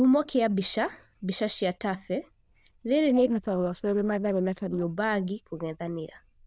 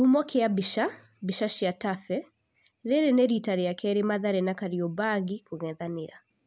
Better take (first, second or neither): second